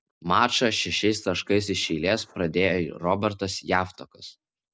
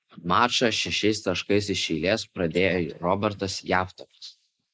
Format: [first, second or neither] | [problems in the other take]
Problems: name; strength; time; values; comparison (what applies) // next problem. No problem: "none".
first | noise reduction (neural mask model Resemble Enhance denoiser)